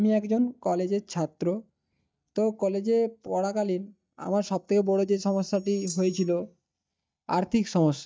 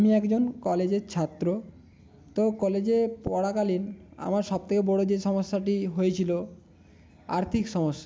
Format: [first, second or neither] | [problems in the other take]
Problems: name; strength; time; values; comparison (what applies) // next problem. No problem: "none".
second | noise reduction (neural mask model DeepFilterNet 3)